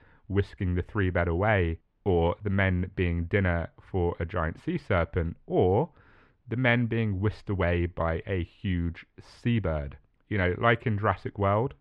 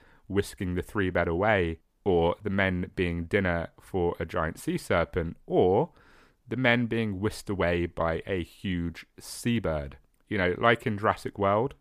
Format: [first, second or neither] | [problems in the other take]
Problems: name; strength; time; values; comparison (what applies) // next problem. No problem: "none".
second | muffled; slightly; fading above 2.5 kHz